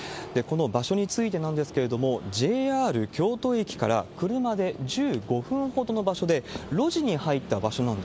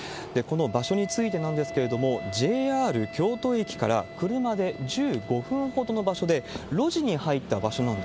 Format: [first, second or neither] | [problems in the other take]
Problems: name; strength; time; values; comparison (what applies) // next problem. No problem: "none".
first | background sound (Wind instrument, woodwind instrument); 14 dB below the speech